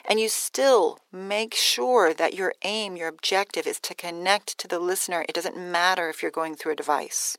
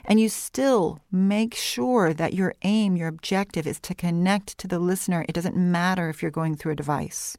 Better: second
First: thin; very; fading below 400 Hz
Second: none

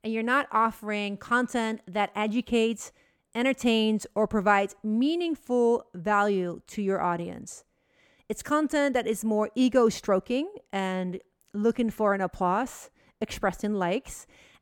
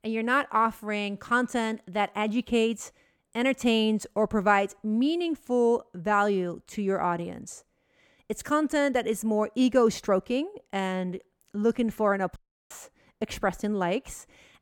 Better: first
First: none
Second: audio cutting out; at 12 s

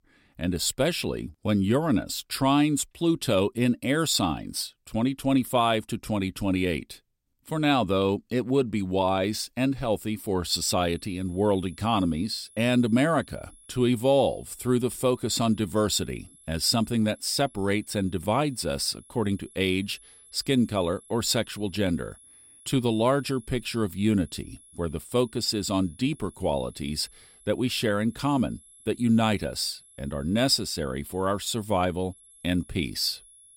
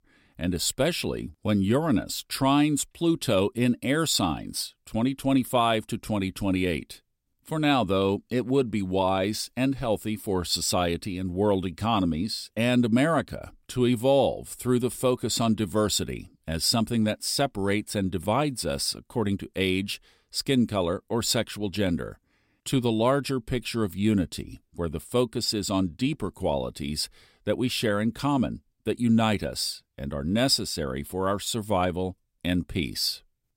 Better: second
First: high-pitched whine; faint; from 11 s on; 10.5 kHz, 25 dB below the speech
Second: none

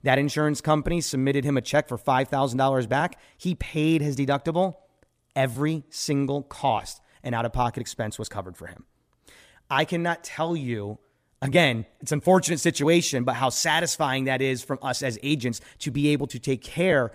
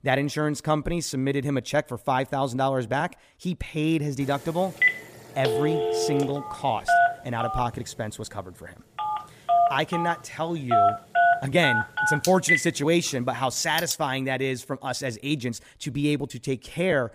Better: first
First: none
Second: phone ringing; loud; from 5 to 14 s; peak 6 dB above the speech

